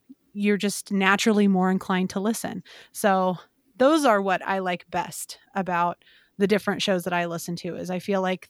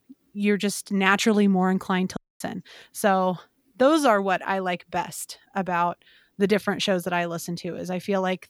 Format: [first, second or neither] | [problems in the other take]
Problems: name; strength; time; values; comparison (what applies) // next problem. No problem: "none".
first | audio cutting out; at 2 s